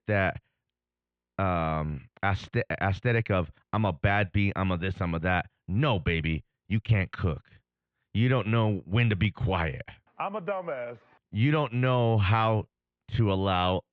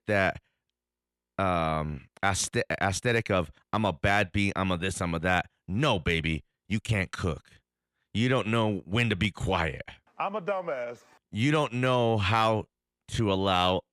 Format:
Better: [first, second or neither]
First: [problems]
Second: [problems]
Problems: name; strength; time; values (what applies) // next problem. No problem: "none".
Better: second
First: muffled; very; fading above 3 kHz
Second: none